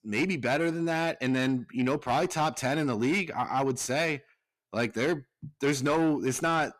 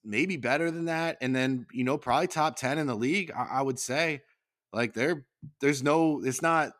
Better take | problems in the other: second | distortion; slight; 10 dB below the speech

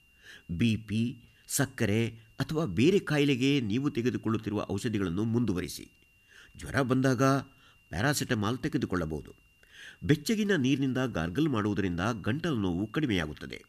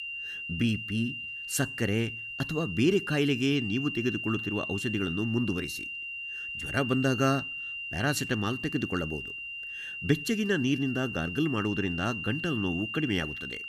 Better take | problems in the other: first | high-pitched whine; loud; throughout; 3 kHz, 5 dB below the speech; faint in the first

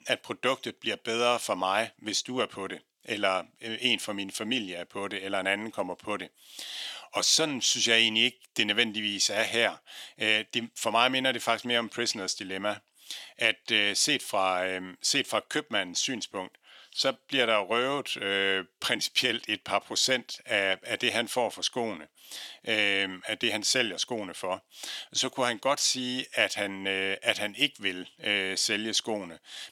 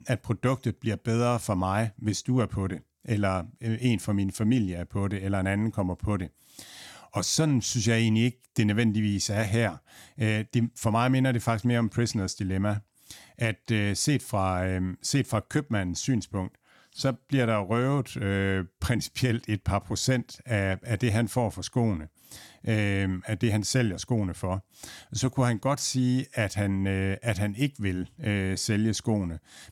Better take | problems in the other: second | thin; somewhat; fading below 450 Hz

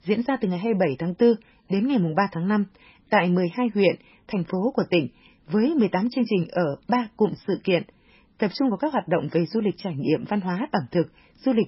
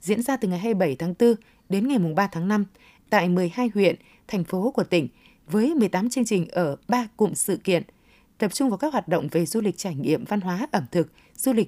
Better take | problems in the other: second | garbled, watery; badly; nothing above 5.5 kHz

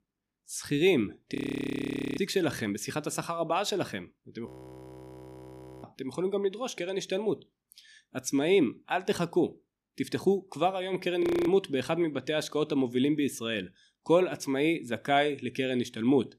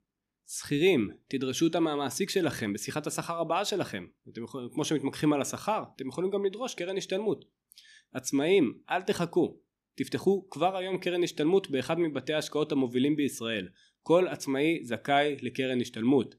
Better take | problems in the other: second | audio freezing; at 1.5 s for 1 s, at 4.5 s for 1.5 s and at 11 s

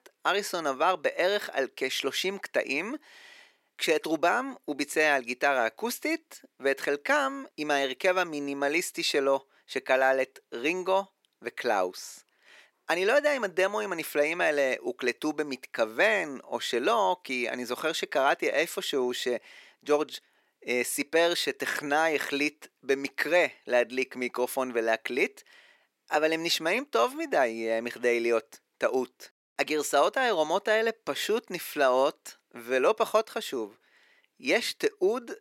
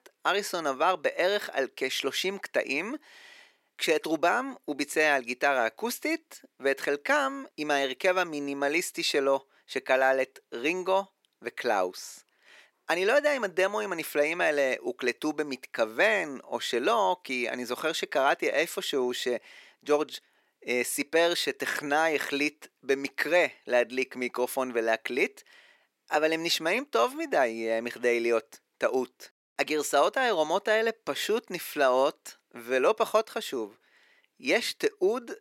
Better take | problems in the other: neither | thin; somewhat; fading below 350 Hz; the same in both

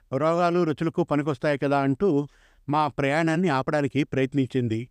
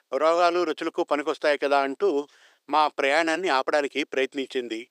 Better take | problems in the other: first | thin; somewhat; fading below 350 Hz

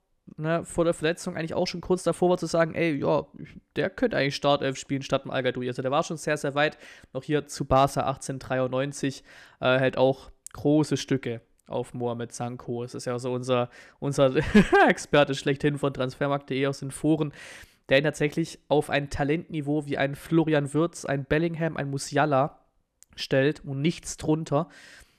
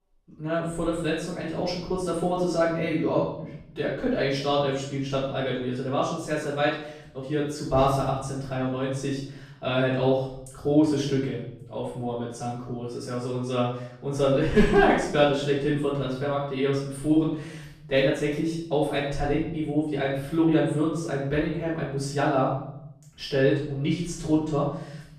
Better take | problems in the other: first | off-mic speech; far // room echo; noticeable; dies away in 0.7 s

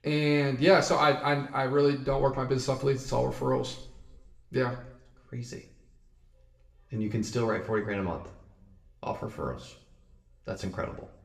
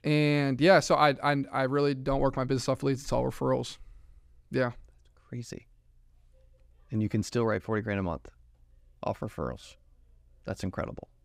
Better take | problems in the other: second | room echo; slight; dies away in 0.6 s // off-mic speech; somewhat distant

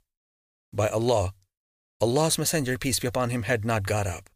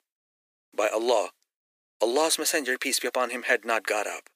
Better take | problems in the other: first | thin; somewhat; fading below 300 Hz

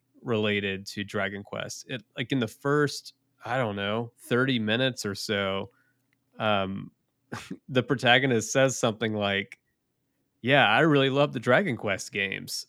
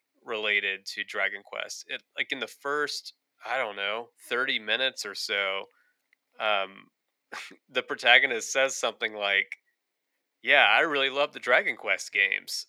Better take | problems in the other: first | thin; very; fading below 600 Hz

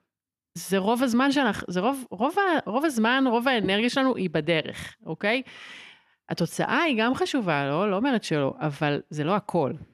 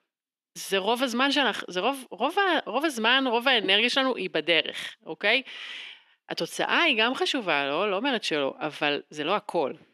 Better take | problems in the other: first | thin; very slightly; fading below 350 Hz

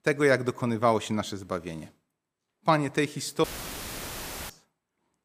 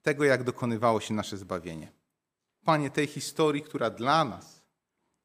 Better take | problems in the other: second | audio cutting out; filled with static; at 3.5 s for 1 s

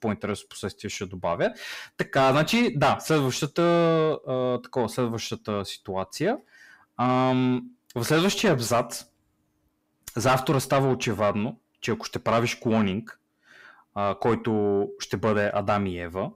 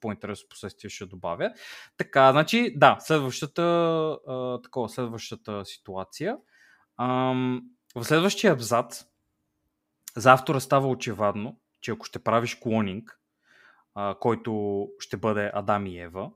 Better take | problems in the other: second | distortion; heavy; 6 dB below the speech

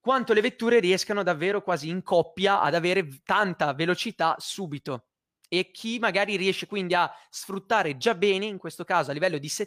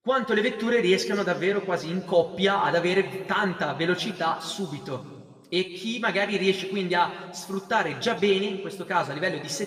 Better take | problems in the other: first | room echo; slight; dies away in 1.5 s // off-mic speech; somewhat distant

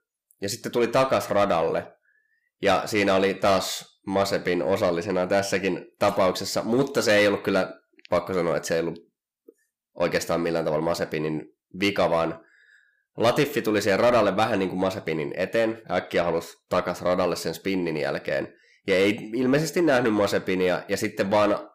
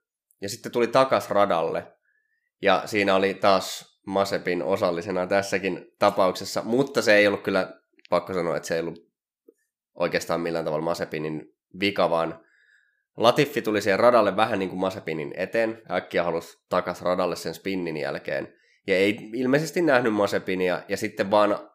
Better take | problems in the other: second | distortion; slight; 10 dB below the speech

